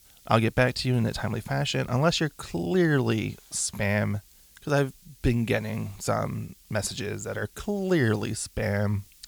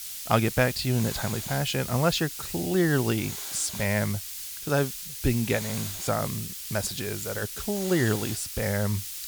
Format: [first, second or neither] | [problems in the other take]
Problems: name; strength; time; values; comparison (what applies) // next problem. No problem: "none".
first | hiss; loud; throughout; 6 dB below the speech; faint in the first